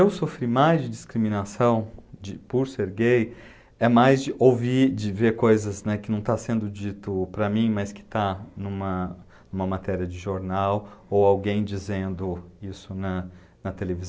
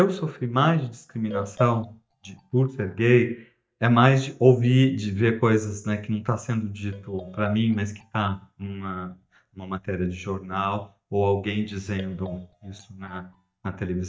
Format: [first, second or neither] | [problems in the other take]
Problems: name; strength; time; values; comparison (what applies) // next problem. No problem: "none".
first | noise reduction (neural mask model DeepFilterNet 3)